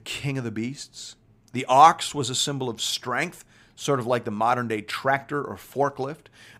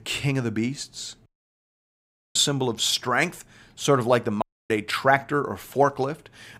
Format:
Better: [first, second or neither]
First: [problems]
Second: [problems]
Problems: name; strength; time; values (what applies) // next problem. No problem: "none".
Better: first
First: none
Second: audio cutting out; at 1.5 s for 1 s and at 4.5 s